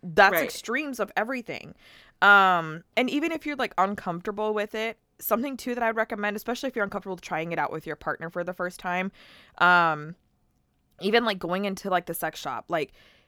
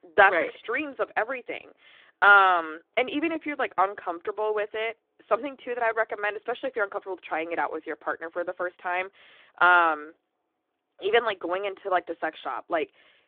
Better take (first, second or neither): first